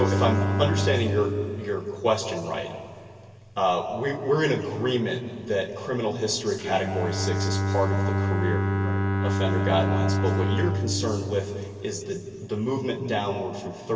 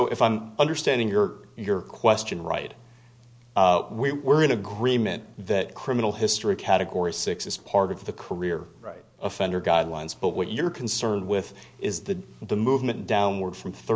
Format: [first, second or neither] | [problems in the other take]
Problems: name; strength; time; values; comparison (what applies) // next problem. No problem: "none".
second | background sound (Bowed string instrument); 1 dB below the speech // room echo; dies away in 2.4 s